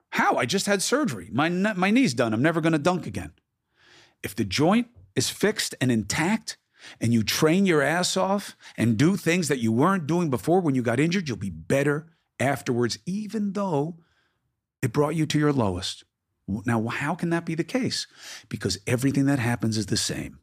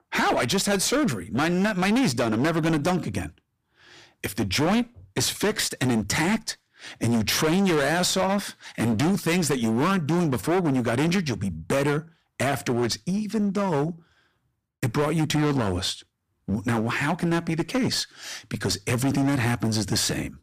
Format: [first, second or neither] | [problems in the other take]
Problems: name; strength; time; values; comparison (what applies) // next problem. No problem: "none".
first | distortion; heavy; 20% of the sound clipped